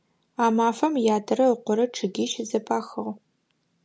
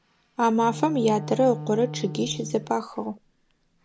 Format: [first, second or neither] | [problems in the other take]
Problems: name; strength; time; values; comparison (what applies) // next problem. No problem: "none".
first | background sound (Wind instrument, woodwind instrument); 12 dB below the speech